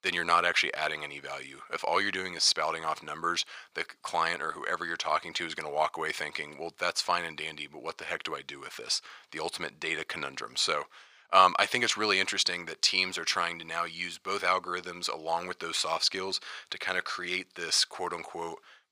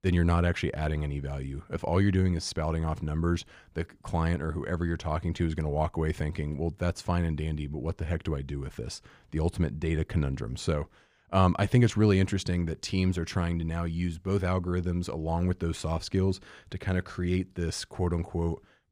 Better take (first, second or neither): second